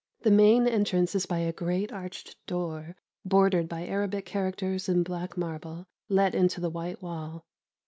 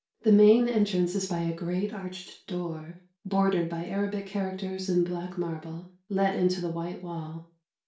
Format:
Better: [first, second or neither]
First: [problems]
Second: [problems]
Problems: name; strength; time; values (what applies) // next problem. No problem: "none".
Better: first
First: none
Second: room echo; dies away in 0.3 s